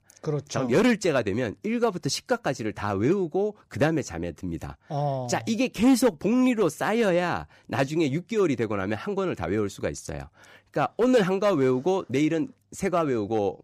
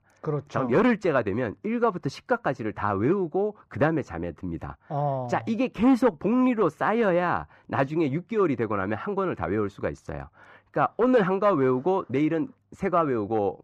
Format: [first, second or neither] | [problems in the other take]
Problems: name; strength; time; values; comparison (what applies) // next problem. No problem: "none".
first | muffled; very; fading above 3.5 kHz